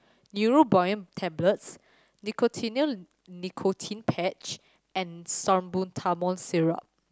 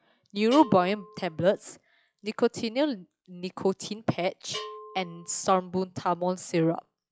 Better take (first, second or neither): first